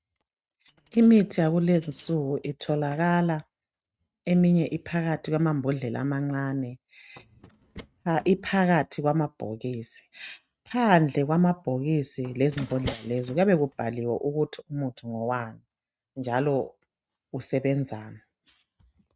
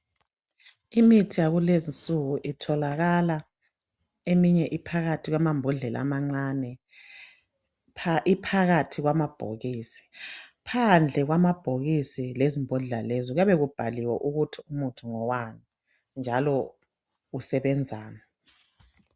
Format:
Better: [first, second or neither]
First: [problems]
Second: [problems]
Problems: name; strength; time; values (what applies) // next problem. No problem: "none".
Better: second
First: noise reduction (neural mask model RNNoise)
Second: none